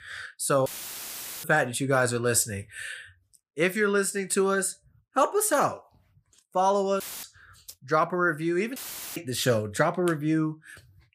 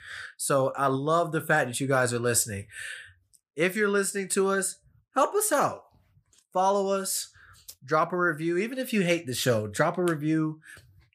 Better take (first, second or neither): second